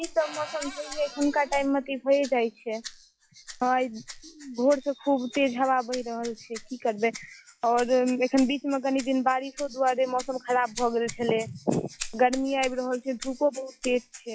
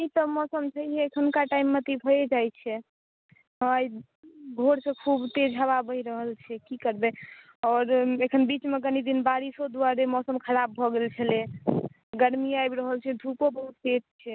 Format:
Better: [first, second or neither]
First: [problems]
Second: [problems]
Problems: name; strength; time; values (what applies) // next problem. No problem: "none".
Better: second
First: noise reduction (classical method log-MMSE)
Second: none